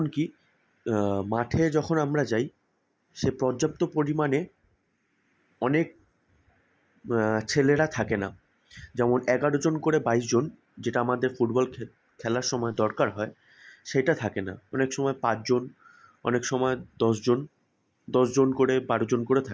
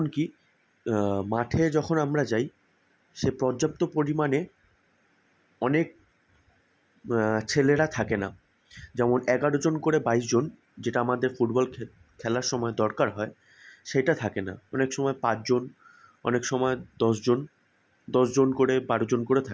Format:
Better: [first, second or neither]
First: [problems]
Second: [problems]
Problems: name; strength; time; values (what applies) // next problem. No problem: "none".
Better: second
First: noise reduction (neural mask model Resemble Enhance denoiser)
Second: none